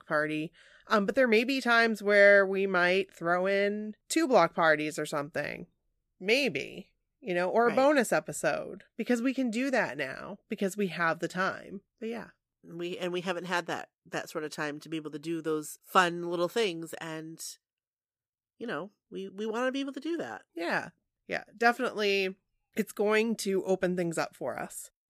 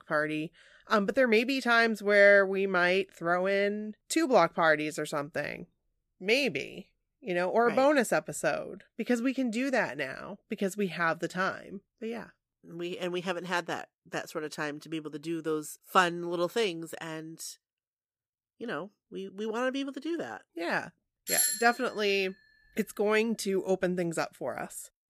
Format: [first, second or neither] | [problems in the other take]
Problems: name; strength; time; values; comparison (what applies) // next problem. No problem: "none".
first | doorbell; loud; at 21 s; peak 3 dB above the speech